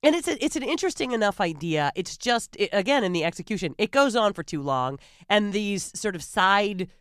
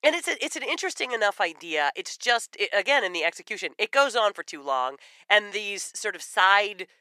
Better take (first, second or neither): first